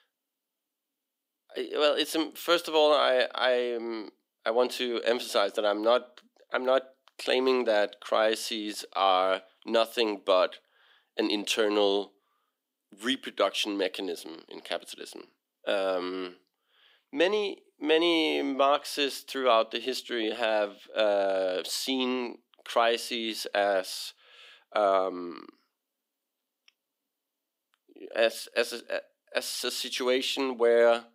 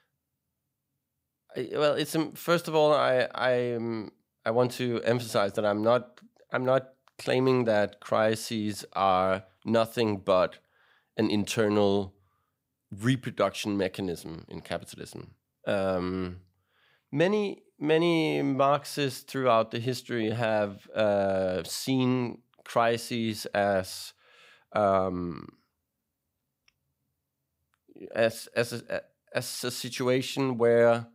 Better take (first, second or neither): second